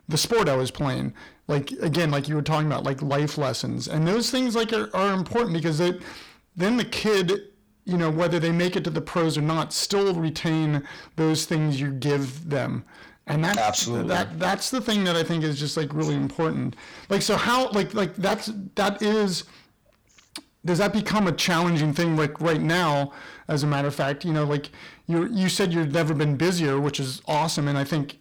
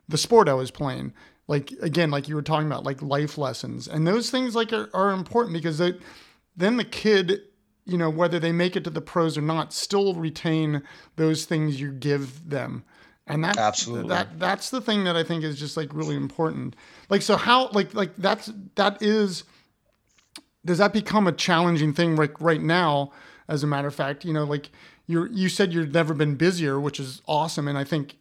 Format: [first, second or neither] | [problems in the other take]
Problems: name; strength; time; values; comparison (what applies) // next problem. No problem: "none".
second | distortion; heavy; 7 dB below the speech